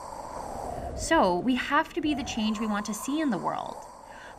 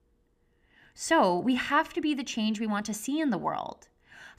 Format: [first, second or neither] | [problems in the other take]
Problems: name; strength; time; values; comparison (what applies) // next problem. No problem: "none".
second | wind noise on the microphone; occasional gusts; 10 dB below the speech